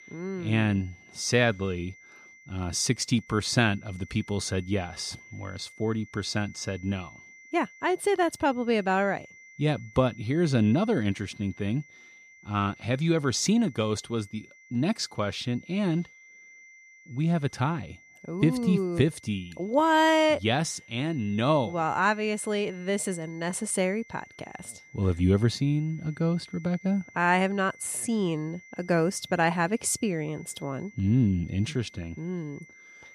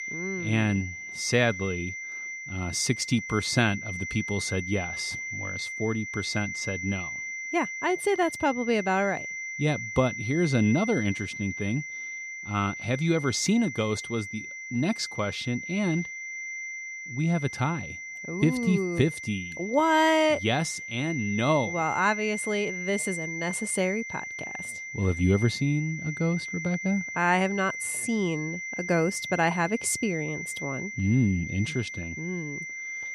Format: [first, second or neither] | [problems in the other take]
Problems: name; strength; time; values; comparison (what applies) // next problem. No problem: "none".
first | high-pitched whine; loud; throughout; 2 kHz, 7 dB below the speech; faint in the first